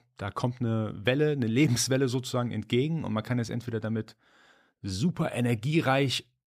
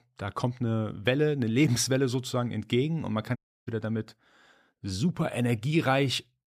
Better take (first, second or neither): first